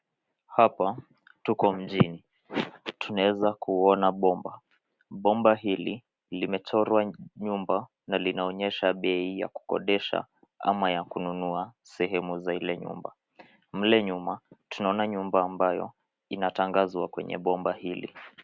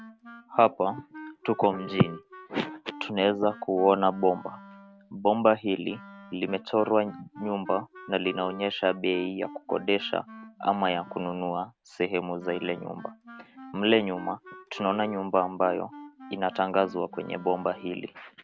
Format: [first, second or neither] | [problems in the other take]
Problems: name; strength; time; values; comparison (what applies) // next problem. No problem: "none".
first | background sound (Wind instrument, woodwind instrument); 18 dB below the speech